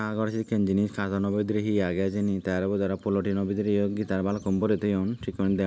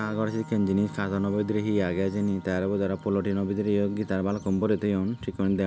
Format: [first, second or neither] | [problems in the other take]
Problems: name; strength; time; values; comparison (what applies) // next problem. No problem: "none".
first | background sound (Organ); 19 dB below the speech